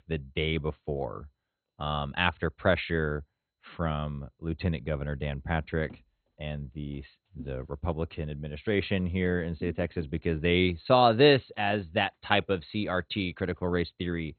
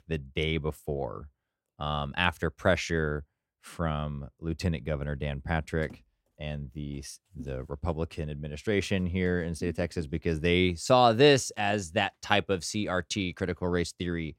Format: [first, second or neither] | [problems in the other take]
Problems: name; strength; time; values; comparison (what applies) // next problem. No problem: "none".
second | garbled, watery; badly; nothing above 4 kHz